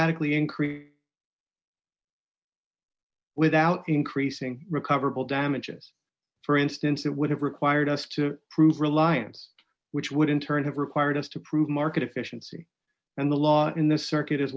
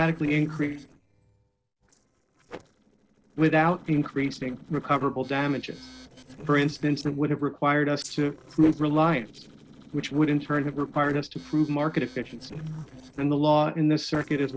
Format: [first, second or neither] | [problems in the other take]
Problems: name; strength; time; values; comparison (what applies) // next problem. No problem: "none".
first | noise reduction (neural separator model SepFormer DNS4)